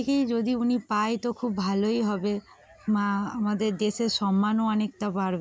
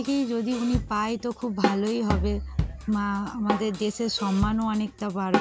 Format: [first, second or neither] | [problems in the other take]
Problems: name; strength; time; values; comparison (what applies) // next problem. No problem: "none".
first | background sound (Drum kit); 4 dB below the speech